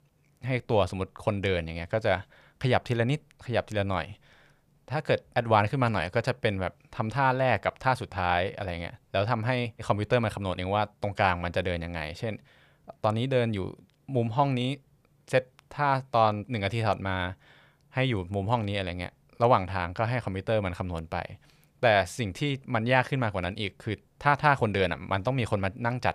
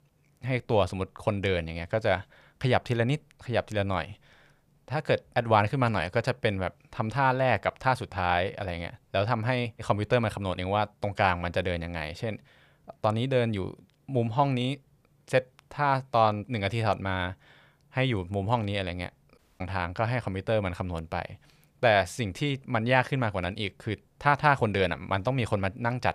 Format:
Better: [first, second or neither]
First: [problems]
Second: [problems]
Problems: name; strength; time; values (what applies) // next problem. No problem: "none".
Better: first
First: none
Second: audio cutting out; at 19 s